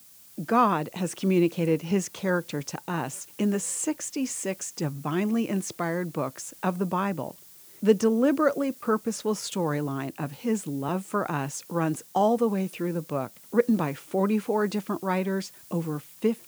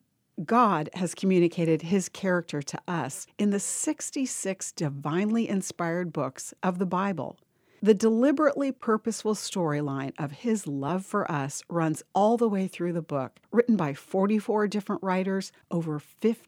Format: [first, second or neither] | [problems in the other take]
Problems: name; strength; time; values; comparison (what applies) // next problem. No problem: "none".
second | hiss; faint; throughout; 20 dB below the speech